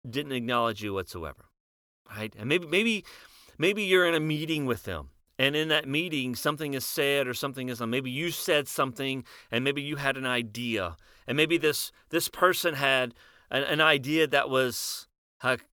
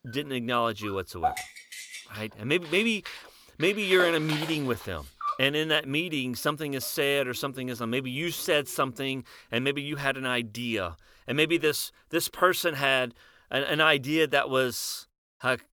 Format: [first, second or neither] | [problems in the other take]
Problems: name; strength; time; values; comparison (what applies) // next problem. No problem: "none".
first | animal sounds; loud; until 9 s; 10 dB below the speech